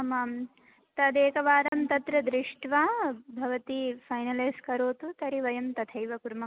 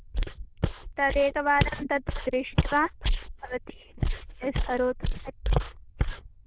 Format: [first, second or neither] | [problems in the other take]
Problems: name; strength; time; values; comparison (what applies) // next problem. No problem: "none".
first | noise reduction (neural diffusion model UNIVERSE++)